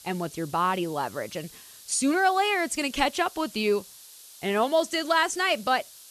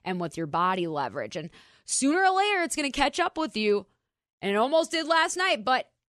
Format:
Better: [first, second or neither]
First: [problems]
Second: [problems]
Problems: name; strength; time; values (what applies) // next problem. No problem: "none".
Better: second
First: hiss; noticeable; throughout; 20 dB below the speech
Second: none